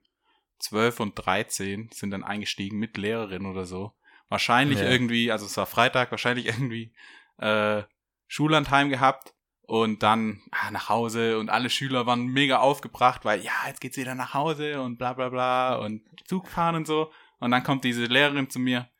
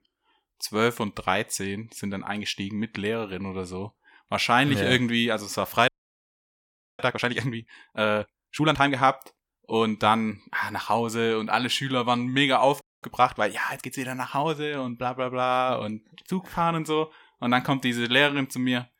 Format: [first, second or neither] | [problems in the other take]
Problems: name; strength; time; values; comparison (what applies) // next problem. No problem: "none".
first | audio freezing; at 6 s for 1 s and at 13 s